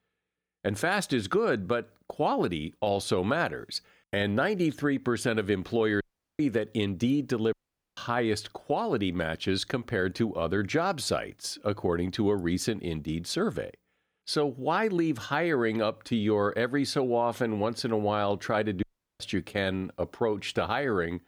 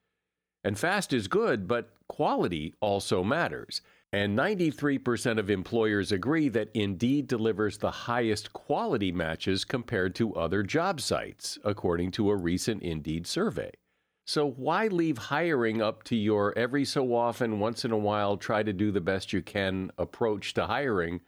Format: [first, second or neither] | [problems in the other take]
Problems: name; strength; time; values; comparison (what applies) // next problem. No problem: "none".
second | audio cutting out; at 6 s, at 7.5 s and at 19 s